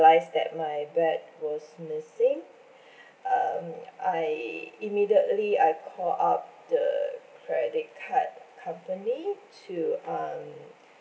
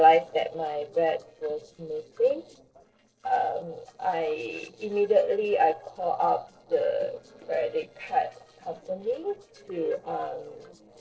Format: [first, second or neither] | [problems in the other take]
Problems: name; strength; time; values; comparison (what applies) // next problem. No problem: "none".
first | noise reduction (neural separator model SepFormer DNS4)